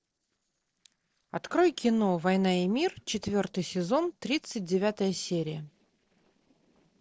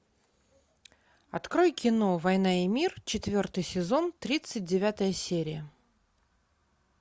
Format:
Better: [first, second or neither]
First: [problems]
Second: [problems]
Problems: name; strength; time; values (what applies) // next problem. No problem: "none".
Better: second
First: noise reduction (neural separator model SepFormer DNS4)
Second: none